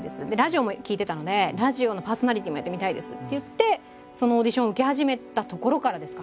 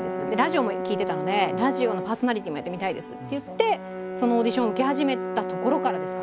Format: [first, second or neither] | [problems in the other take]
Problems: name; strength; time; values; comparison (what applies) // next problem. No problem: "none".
first | background sound (Brass instrument); 5 dB below the speech